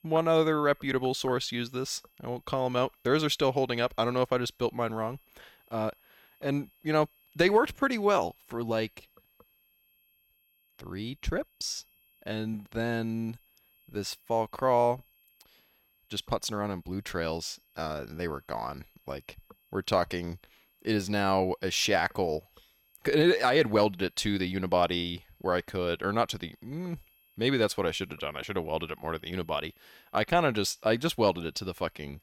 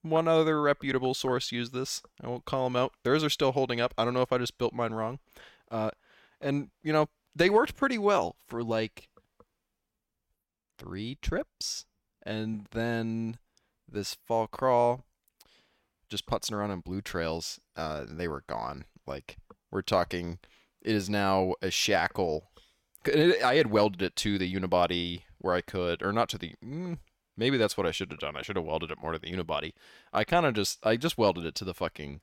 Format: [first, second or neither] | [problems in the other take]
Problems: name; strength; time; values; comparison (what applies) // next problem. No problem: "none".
second | high-pitched whine; faint; throughout; 11.5 kHz, 35 dB below the speech